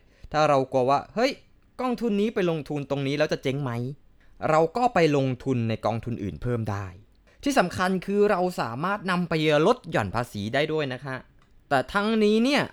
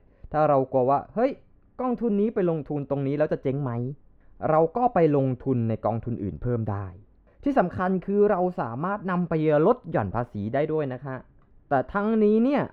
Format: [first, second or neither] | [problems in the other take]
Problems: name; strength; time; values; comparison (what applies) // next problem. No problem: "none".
first | muffled; very; fading above 2.5 kHz